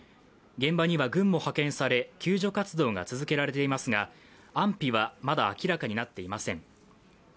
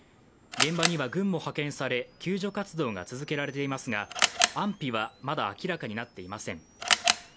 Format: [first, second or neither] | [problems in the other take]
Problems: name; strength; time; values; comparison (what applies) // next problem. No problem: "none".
first | background sound (Camera); 1 dB below the speech